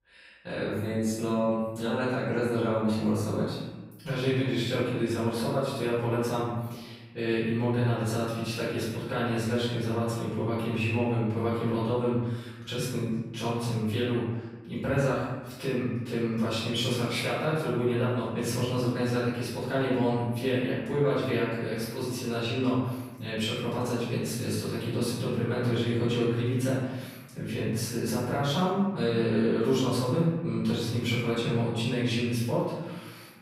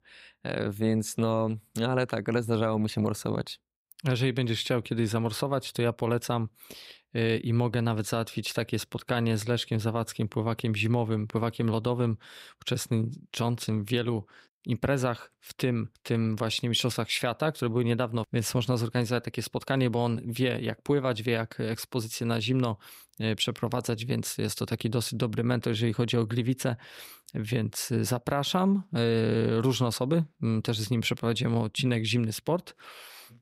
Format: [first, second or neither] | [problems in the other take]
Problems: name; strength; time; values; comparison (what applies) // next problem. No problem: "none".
second | room echo; strong; dies away in 1.1 s // off-mic speech; far